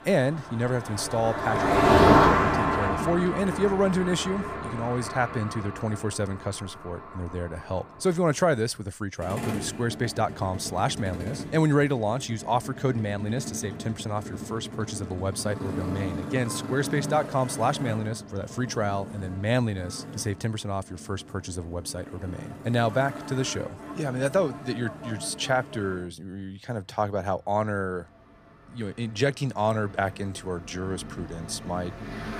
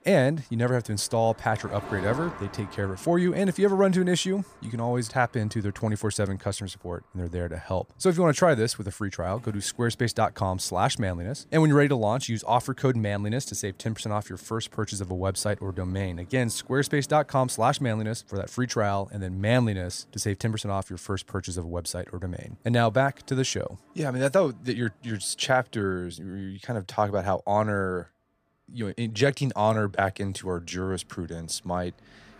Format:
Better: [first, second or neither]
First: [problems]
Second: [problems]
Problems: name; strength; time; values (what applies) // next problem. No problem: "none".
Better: second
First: traffic noise; loud; throughout; 1 dB below the speech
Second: traffic noise; faint; throughout; 20 dB below the speech